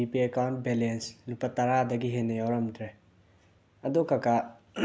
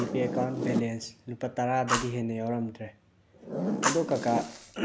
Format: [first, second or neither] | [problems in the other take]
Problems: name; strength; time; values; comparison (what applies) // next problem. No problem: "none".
first | background sound (Fire + Zipper (clothing)); 3 dB below the speech